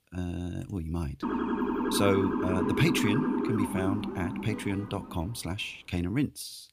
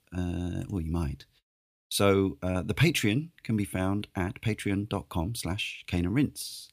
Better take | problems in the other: second | siren; loud; from 1 to 5 s; peak 3 dB above the speech

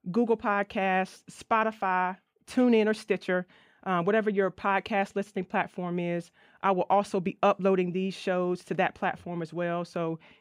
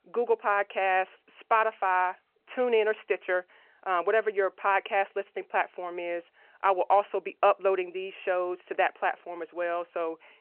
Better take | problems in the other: first | phone-call audio

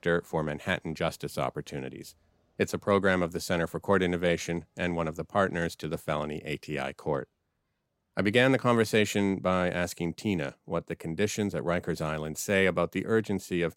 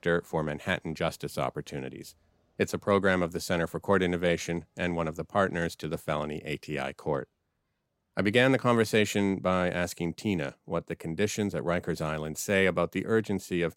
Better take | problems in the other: neither | none

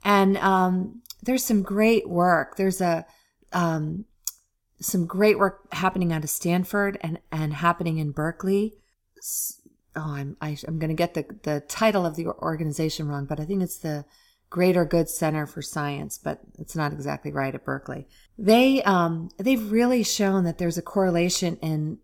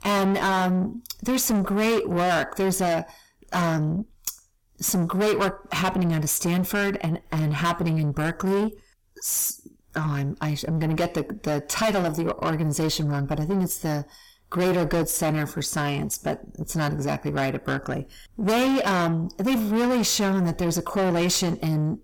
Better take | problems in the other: first | distortion; heavy; 5 dB below the speech

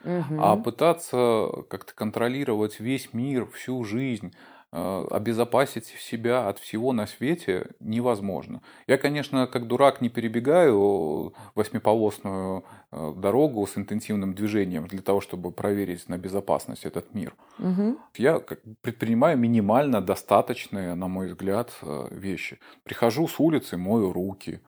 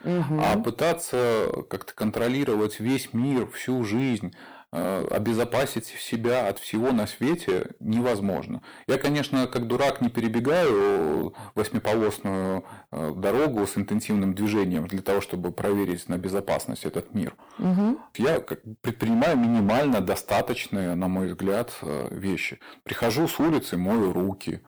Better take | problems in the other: first | distortion; heavy; 13% of the sound clipped

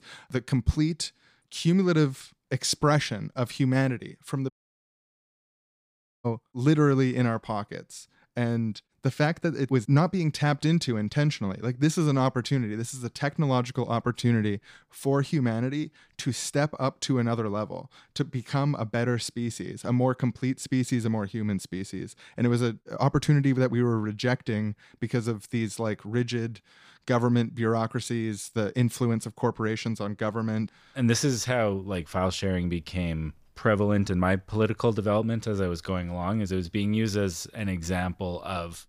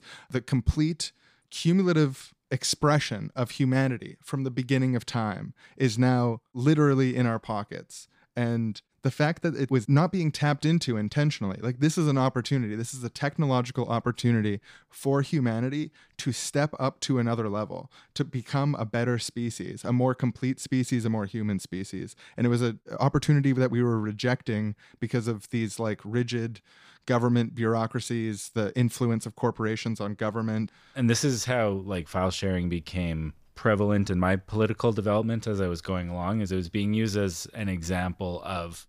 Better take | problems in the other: second | audio cutting out; at 4.5 s for 1.5 s

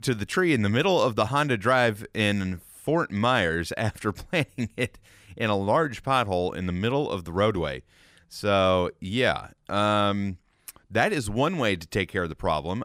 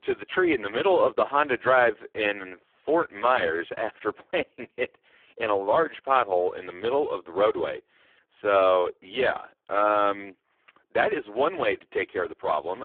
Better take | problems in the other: first | phone-call audio; poor line

